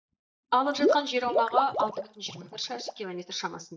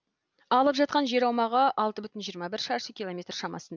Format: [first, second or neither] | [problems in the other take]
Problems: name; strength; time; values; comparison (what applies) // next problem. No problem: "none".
second | noise reduction (neural mask model DeepFilterNet 3)